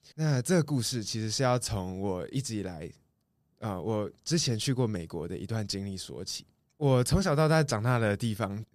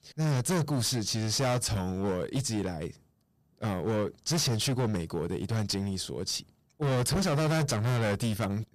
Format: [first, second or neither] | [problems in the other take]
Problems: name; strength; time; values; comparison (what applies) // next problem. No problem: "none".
first | distortion; heavy; 20% of the sound clipped